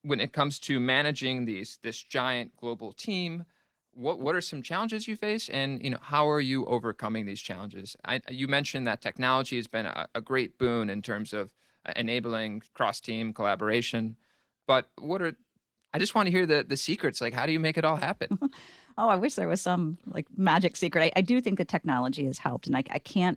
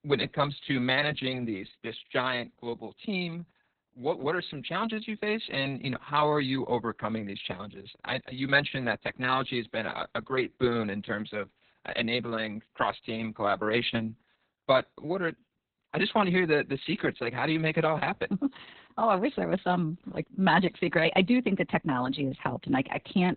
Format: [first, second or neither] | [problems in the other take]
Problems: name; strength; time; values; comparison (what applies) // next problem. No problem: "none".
first | garbled, watery; badly; nothing above 4 kHz; slightly in the first